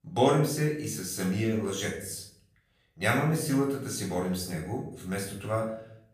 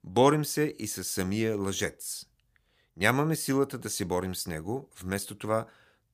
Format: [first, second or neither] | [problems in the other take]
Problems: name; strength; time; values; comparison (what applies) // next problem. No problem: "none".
second | off-mic speech; far // room echo; noticeable; dies away in 0.6 s